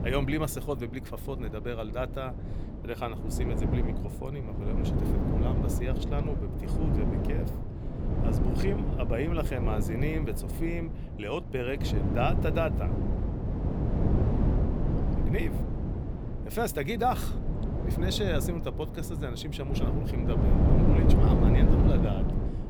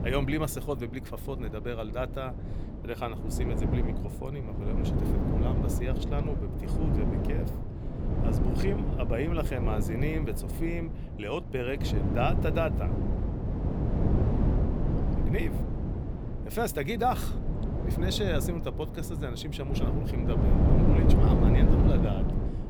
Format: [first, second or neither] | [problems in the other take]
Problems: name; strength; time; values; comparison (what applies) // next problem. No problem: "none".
neither | wind noise on the microphone; heavy; 2 dB below the speech; the same in both